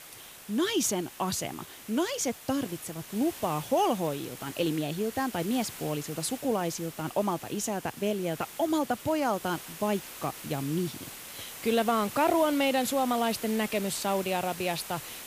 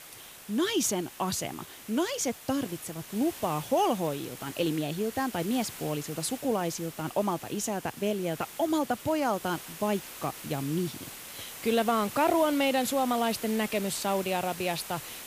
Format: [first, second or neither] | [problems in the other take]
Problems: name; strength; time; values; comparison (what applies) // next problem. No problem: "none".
neither | hiss; noticeable; throughout; 10 dB below the speech; the same in both